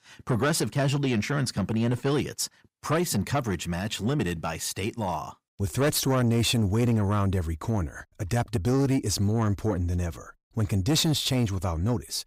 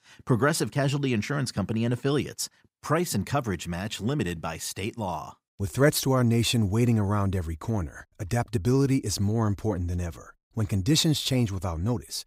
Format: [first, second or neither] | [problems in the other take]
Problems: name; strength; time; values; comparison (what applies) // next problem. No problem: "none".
second | distortion; slight; 10 dB below the speech